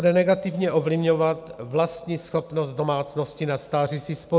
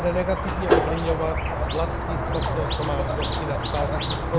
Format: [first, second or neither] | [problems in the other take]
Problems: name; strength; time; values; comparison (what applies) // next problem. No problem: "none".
first | background sound (Squeak); 4 dB above the speech